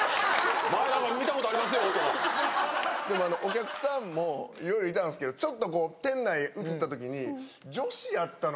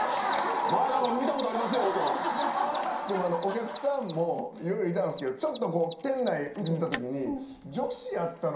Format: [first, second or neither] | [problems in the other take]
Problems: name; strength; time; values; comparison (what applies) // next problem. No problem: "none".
first | background sound (Mechanisms); 20 dB below the speech // room echo; dies away in 0.5 s